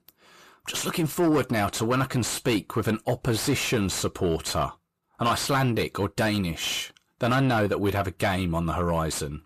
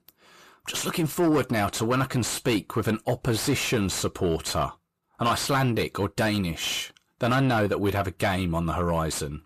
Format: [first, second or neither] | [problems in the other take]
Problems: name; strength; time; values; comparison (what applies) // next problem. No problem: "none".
neither | distortion; heavy; 7 dB below the speech; the same in both